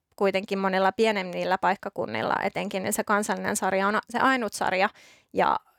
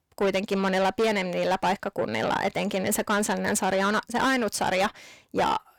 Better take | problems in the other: first | distortion; heavy; 8 dB below the speech

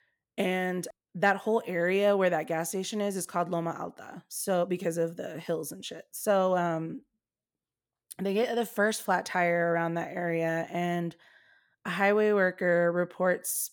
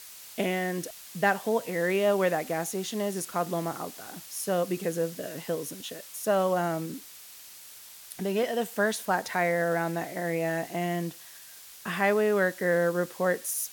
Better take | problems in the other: first | hiss; noticeable; throughout; 15 dB below the speech

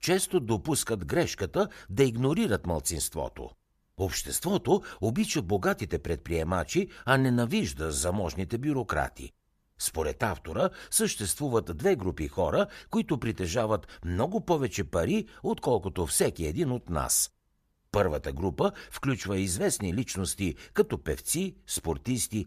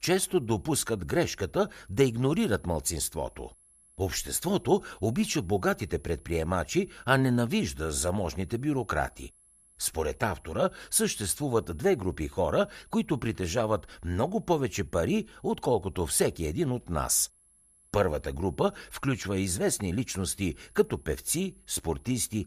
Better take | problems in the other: first | high-pitched whine; faint; throughout; 11 kHz, 30 dB below the speech

